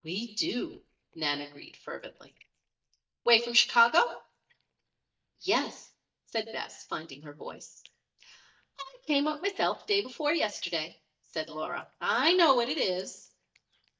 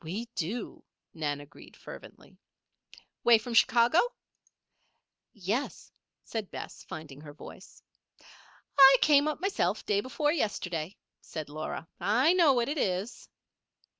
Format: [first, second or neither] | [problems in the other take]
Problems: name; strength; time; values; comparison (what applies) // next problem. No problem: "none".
second | noise reduction (neural mask model DeepFilterNet 3)